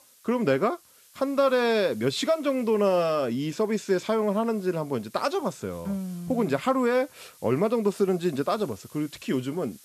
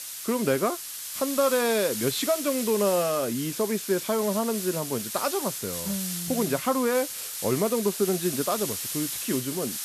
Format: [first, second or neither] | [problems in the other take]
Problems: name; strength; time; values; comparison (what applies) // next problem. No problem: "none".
first | hiss; loud; throughout; 4 dB below the speech; faint in the first